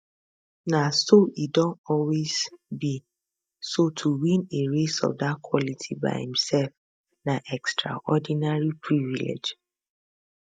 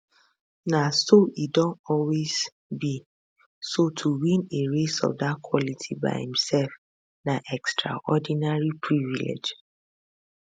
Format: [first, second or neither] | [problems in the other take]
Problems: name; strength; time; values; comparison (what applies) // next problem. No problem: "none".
second | noise reduction (neural mask model DeepFilterNet 3)